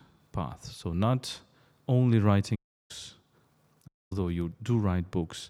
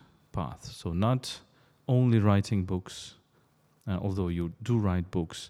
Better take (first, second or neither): second